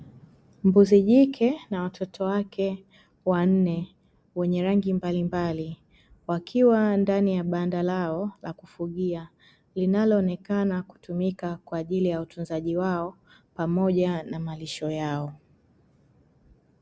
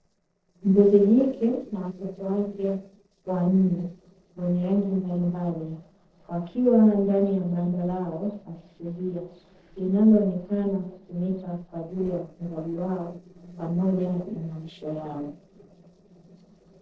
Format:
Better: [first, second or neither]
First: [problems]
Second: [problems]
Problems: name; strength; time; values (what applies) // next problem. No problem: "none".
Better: first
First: none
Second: noise reduction (neural separator model SepFormer DNS4)